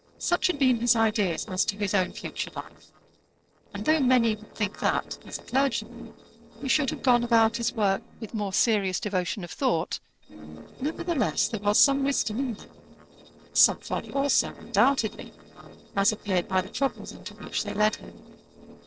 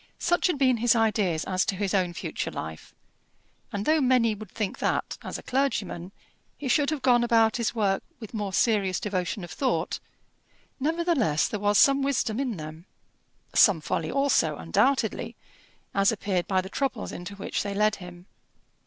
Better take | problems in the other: second | noise reduction (neural separator model SepFormer DNS4)

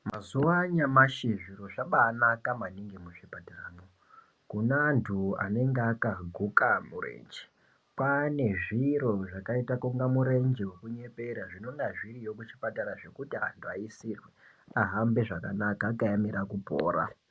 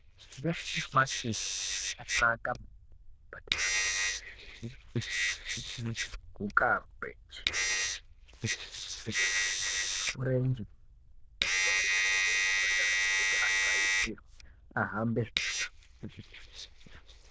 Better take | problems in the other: first | noise reduction (neural diffusion model UNIVERSE++)

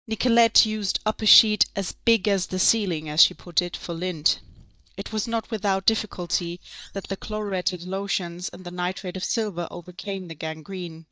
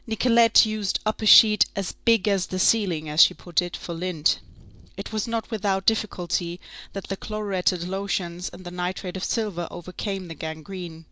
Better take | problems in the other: second | noise reduction (neural mask model DeepFilterNet 3)

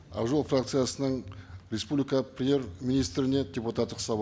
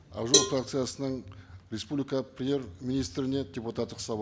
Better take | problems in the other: first | background sound (Cowbell); 1 dB above the speech

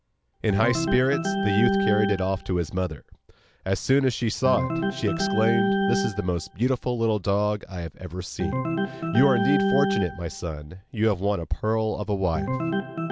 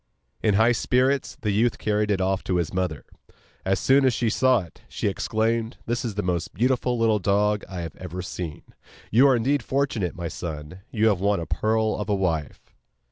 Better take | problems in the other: second | background sound (Organ); 3 dB below the speech

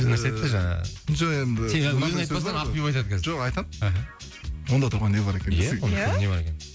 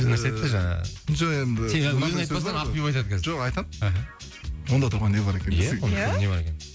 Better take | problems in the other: first | background sound (Bowed string instrument); 13 dB below the speech

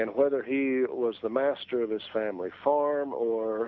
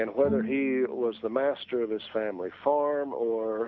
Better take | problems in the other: first | background sound (Bowed string instrument); 11 dB below the speech

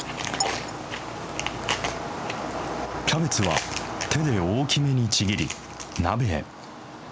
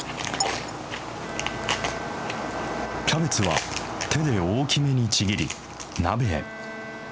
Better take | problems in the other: first | background sound (Bowed string instrument); 16 dB below the speech

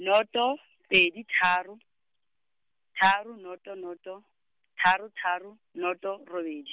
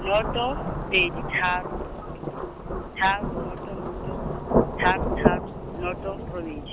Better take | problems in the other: first | background sound (Rain / Thunderstorm); 1 dB above the speech

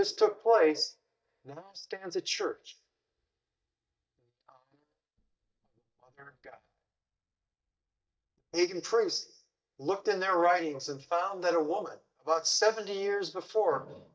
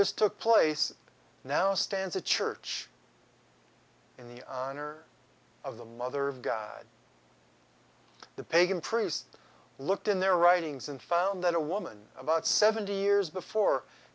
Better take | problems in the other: second | noise reduction (neural mask model DeepFilterNet 3)

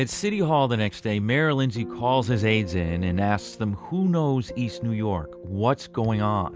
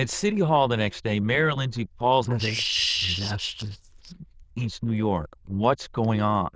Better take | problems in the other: first | noise reduction (neural diffusion model UNIVERSE++)

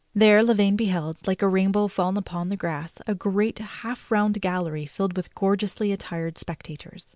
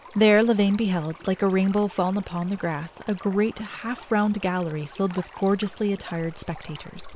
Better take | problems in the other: first | background sound (Stream); 20 dB below the speech

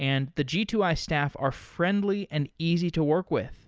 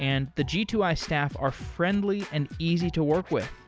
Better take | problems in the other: first | background sound (Scratching (performance technique)); 15 dB below the speech

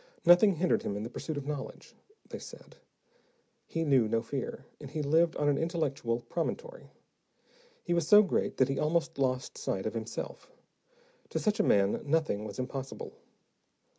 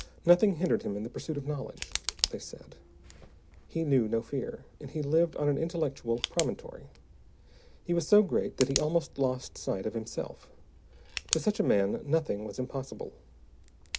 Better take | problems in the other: first | background sound (Tick); 12 dB below the speech

